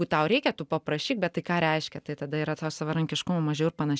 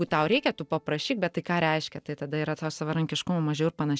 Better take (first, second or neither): first